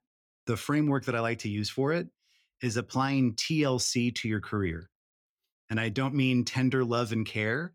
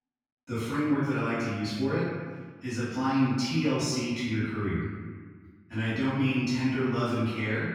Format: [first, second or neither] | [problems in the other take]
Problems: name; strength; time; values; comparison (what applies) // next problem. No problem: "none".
first | off-mic speech; far // room echo; strong; dies away in 1.5 s